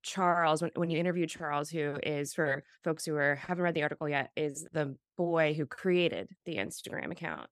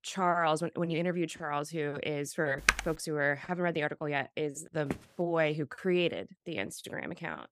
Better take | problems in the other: first | keyboard typing; loud; at 2.5 s; peak 4 dB above the speech // footsteps; noticeable; at 5 s; peak 9 dB below the speech

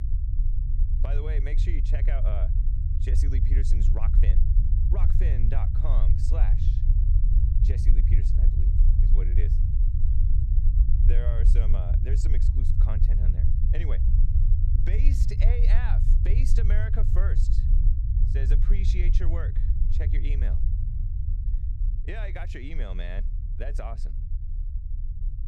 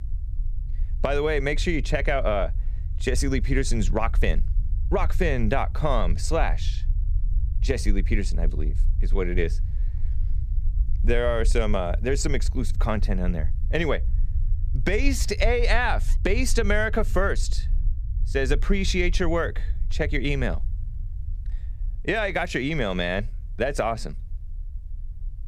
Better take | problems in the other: second | low rumble; loud; throughout; 3 dB below the speech; faint in the second

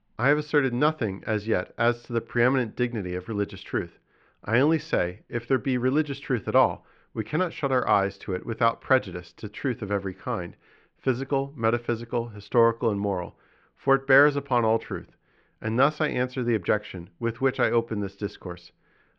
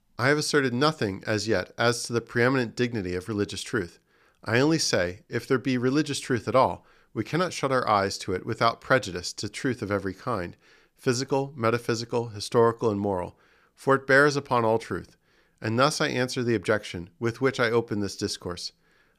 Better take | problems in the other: second | muffled; very; fading above 3 kHz

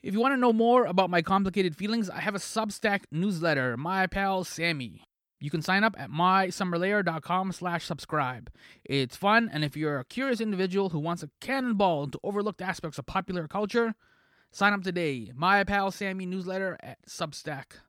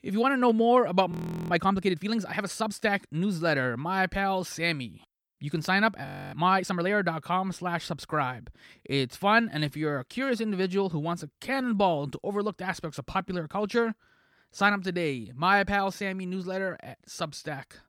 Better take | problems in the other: first | audio freezing; at 1 s and at 6 s

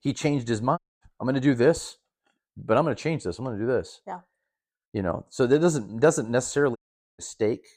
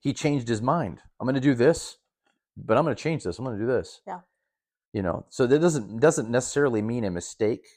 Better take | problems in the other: second | audio cutting out; at 1 s and at 7 s

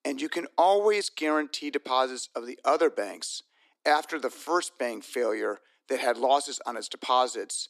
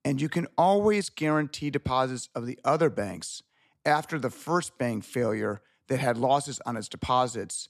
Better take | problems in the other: second | thin; somewhat; fading below 300 Hz

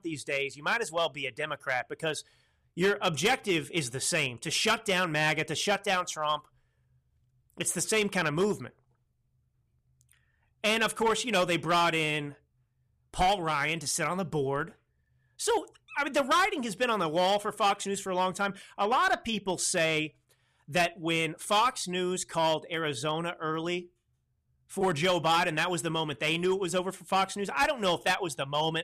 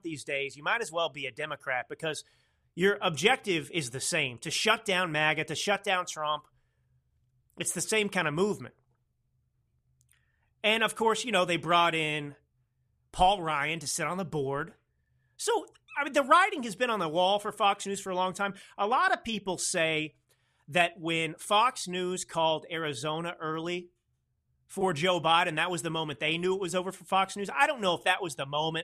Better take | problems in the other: second | distortion; slight; 4% of the sound clipped

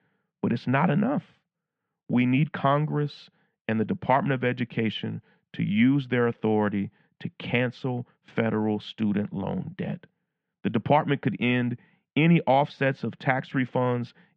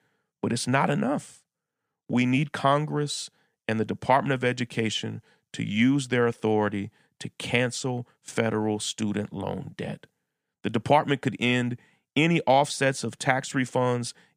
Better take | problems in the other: second | muffled; very; fading above 3 kHz

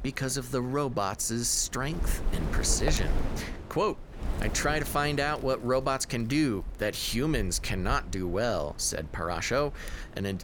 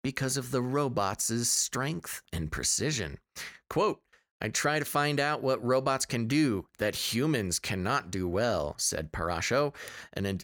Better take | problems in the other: second | wind noise on the microphone; occasional gusts; 15 dB below the speech

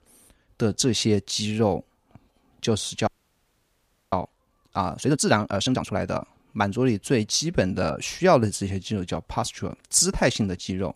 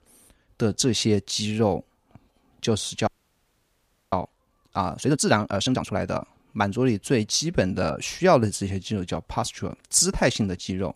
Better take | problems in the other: neither | audio freezing; at 3 s for 1 s; the same in both

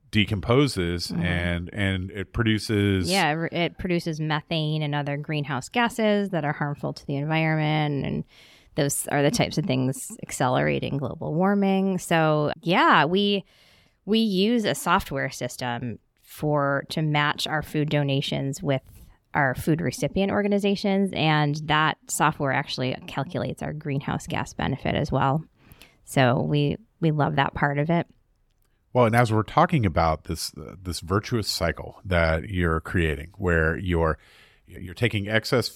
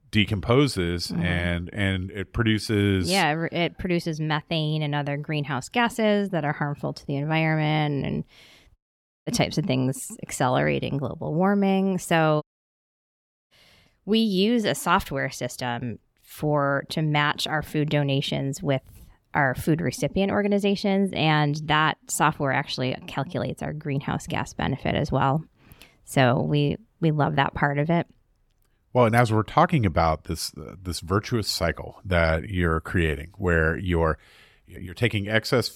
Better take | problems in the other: first | audio cutting out; at 9 s for 0.5 s and at 12 s for 1 s

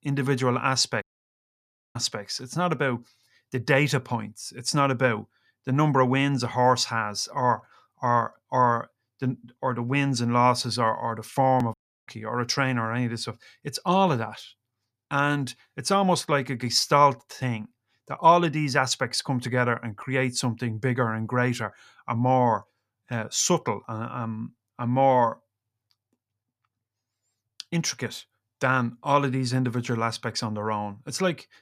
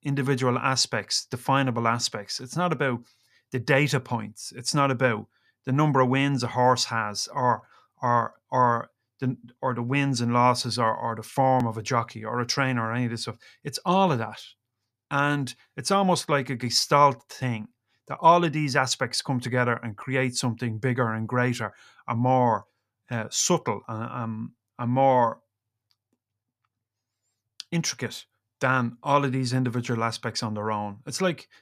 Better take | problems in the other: second | audio cutting out; at 1 s for 1 s and at 12 s

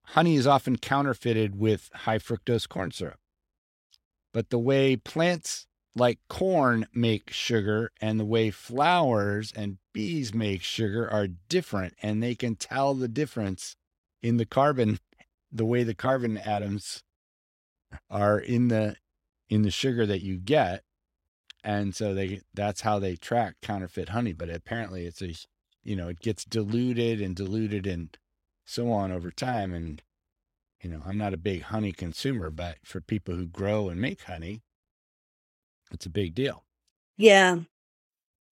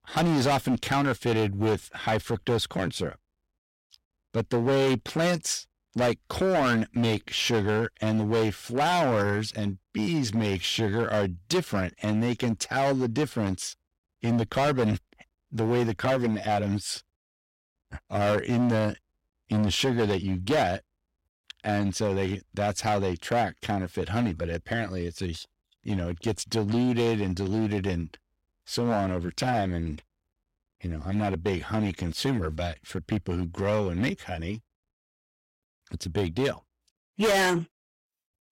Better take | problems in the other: first | distortion; heavy; 10% of the sound clipped

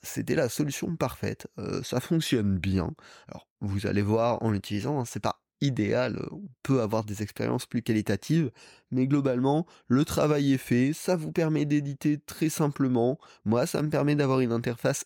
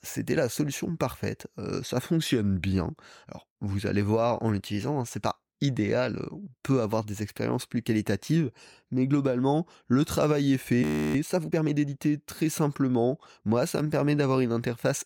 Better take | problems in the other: first | audio freezing; at 11 s

